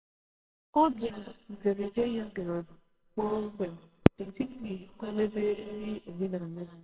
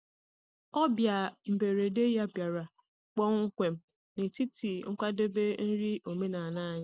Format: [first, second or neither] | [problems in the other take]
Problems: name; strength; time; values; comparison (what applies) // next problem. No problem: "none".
second | noise reduction (neural separator model SepFormer WHAMR!)